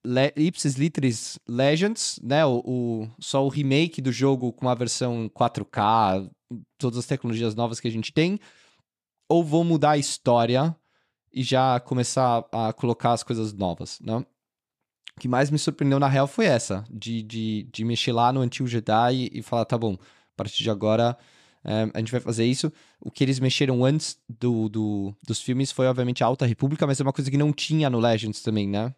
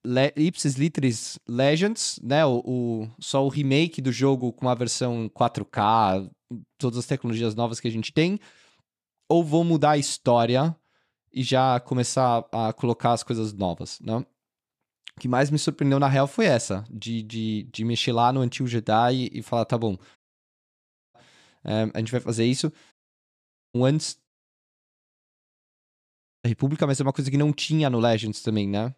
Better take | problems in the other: first | audio cutting out; at 20 s for 1 s, at 23 s for 1 s and at 24 s for 2 s

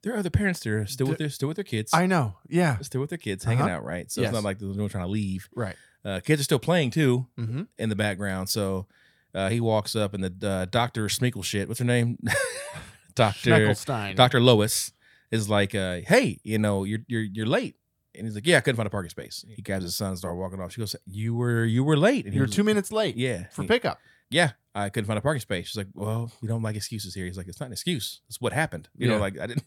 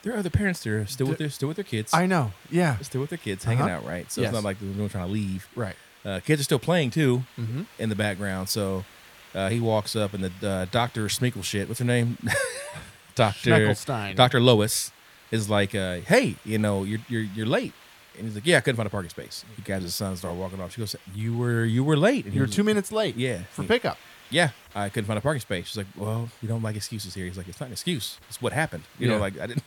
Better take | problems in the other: first | hiss; faint; throughout; 25 dB below the speech

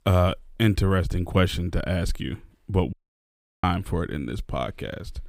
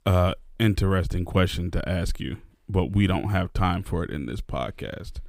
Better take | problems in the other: second | audio cutting out; at 3 s for 0.5 s

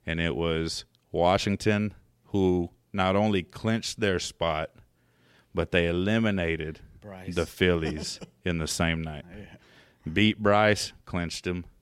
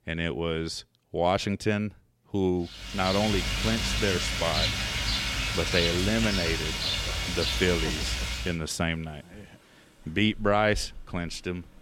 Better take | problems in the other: first | rain or running water; very loud; from 3 s on; 1 dB above the speech

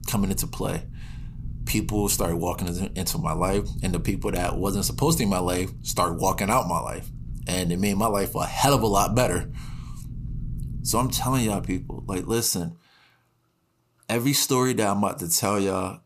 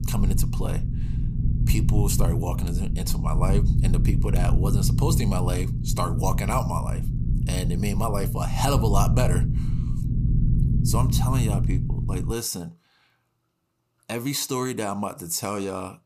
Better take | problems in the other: first | low rumble; loud; until 12 s; 7 dB below the speech; faint in the first

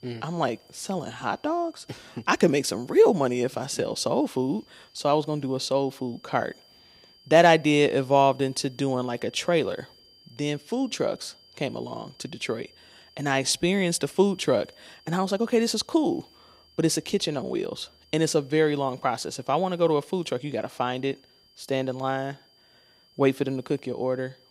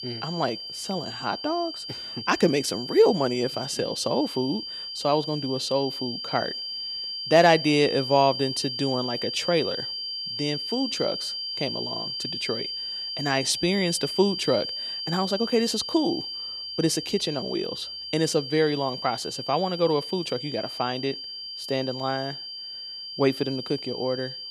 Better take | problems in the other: first | high-pitched whine; loud; throughout; 4.5 kHz, 5 dB below the speech; faint in the first

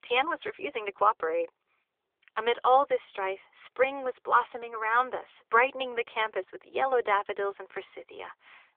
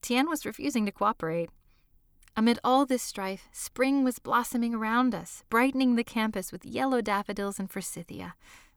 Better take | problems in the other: second | phone-call audio; nothing above 3.5 kHz

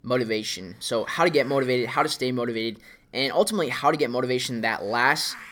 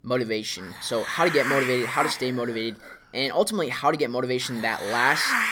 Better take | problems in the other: first | hiss; loud; throughout; 3 dB below the speech; faint in the first

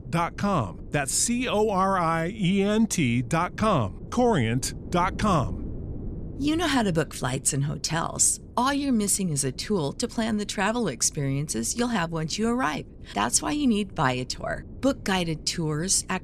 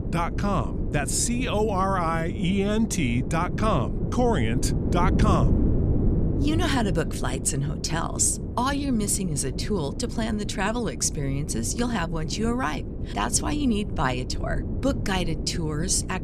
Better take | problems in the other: first | wind noise on the microphone; heavy; 10 dB below the speech; occasional gusts in the first

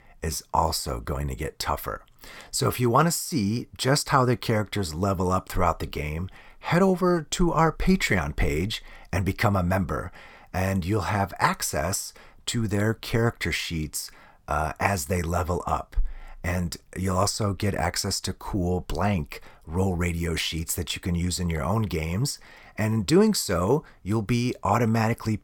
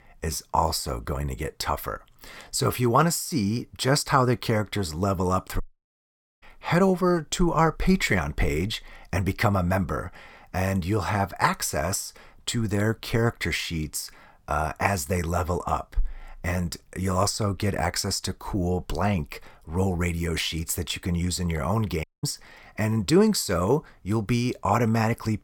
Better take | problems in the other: first | audio cutting out; at 5.5 s for 1 s and at 22 s

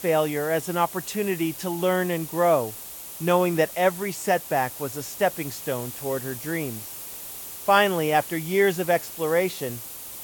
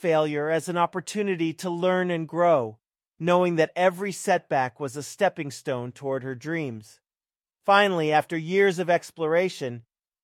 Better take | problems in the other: second | hiss; noticeable; throughout; 10 dB below the speech

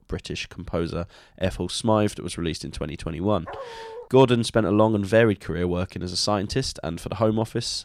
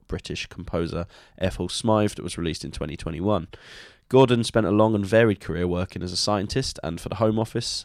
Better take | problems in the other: second | dog barking; faint; at 3.5 s; peak 15 dB below the speech

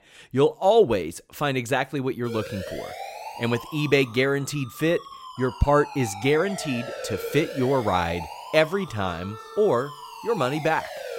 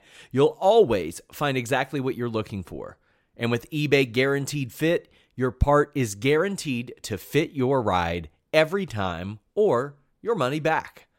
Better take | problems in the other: second | siren; noticeable; from 2 s on; peak 8 dB below the speech

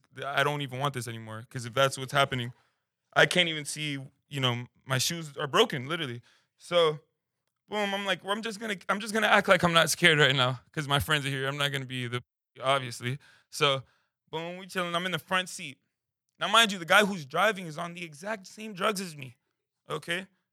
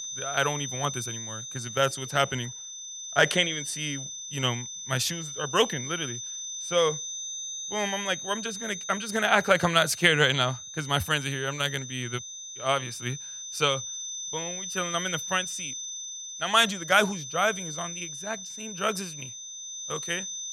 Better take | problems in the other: first | high-pitched whine; loud; throughout; 6 kHz, 8 dB below the speech

